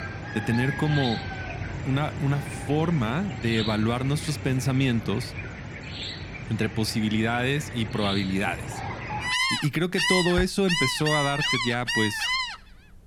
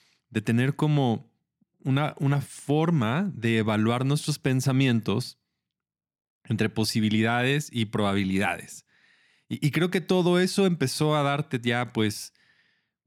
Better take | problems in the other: second | animal sounds; loud; throughout; 3 dB below the speech

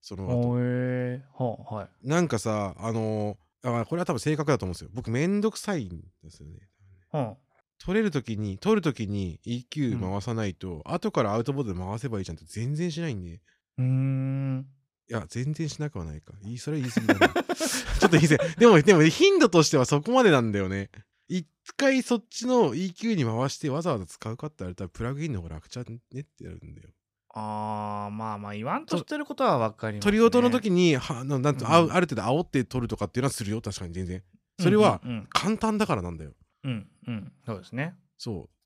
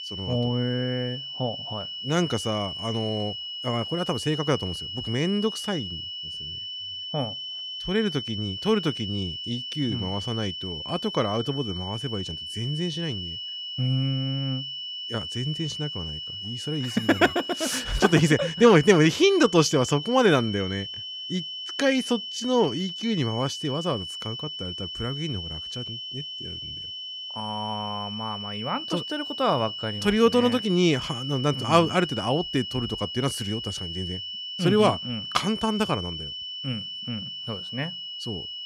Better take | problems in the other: first | high-pitched whine; loud; throughout; 3 kHz, 7 dB below the speech

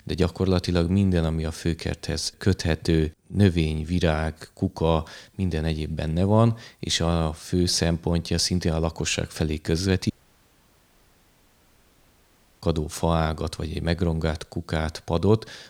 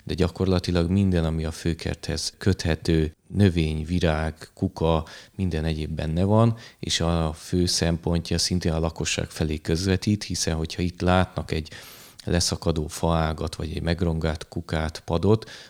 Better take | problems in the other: second | audio cutting out; at 10 s for 2.5 s

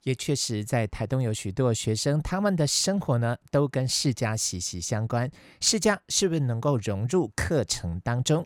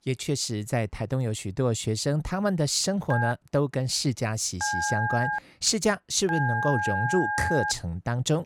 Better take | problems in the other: first | phone ringing; noticeable; from 3 to 7.5 s; peak level with the speech

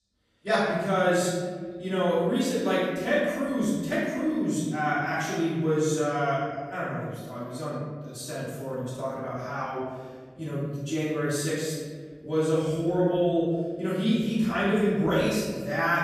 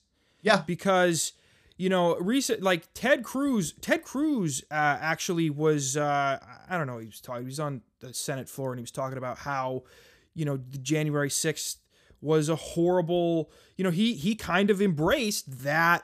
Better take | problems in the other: second | room echo; strong; dies away in 1.7 s // off-mic speech; far

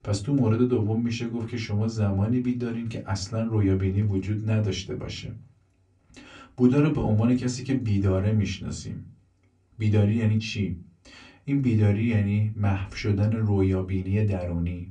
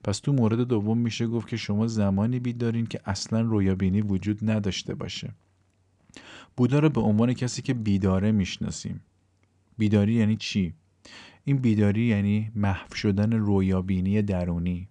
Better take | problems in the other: second | off-mic speech; far // room echo; very slight; dies away in 0.2 s

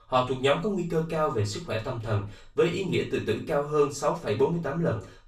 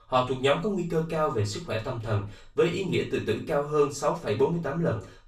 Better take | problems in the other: neither | room echo; slight; dies away in 0.3 s; the same in both // off-mic speech; far; the same in both

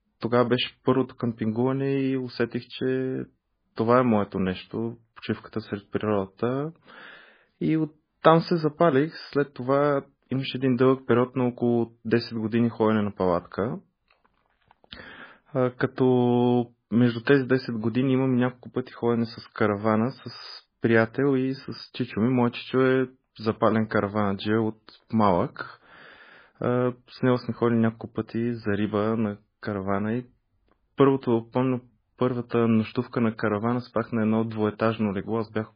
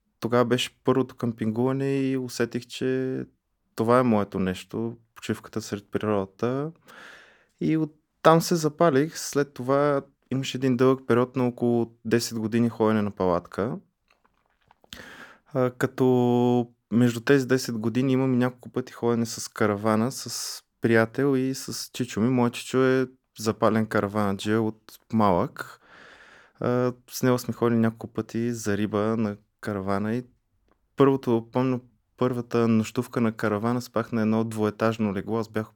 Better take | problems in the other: second | garbled, watery; badly; nothing above 5 kHz

